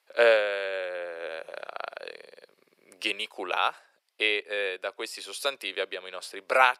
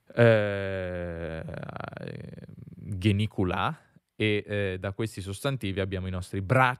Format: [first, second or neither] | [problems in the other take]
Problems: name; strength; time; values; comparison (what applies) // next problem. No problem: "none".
second | thin; very; fading below 450 Hz